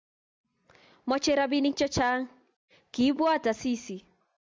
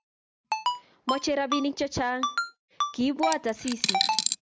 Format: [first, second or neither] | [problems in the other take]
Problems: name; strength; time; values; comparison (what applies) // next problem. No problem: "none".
first | background sound (Ringtone + Coin (dropping)); as loud as the speech